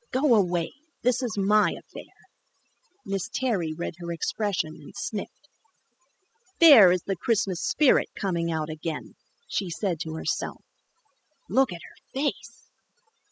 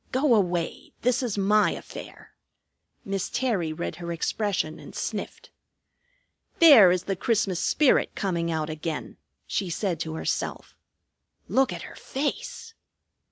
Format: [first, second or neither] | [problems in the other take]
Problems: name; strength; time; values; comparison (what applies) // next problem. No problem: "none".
second | noise reduction (classical method spectral subtraction)